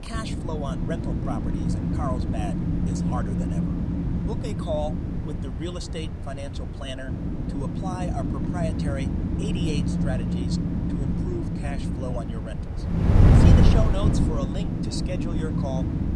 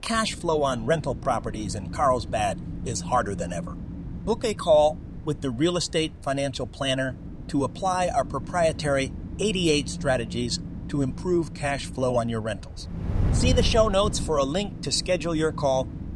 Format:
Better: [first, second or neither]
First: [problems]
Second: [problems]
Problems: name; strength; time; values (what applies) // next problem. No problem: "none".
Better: second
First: wind noise on the microphone; heavy; 1 dB above the speech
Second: wind noise on the microphone; occasional gusts; 20 dB below the speech